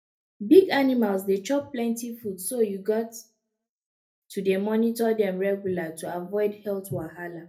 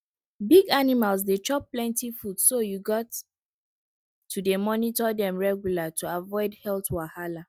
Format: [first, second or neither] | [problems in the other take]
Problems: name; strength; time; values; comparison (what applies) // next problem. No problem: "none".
second | room echo; dies away in 0.3 s